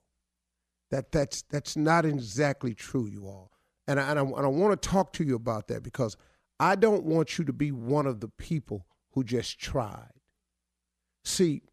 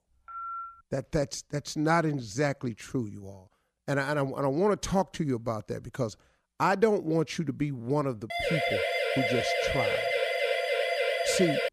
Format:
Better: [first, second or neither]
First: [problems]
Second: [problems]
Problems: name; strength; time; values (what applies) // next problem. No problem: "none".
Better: first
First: none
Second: phone ringing; noticeable; at 0.5 s; peak 7 dB below the speech // siren; loud; from 8.5 s on; peak 3 dB above the speech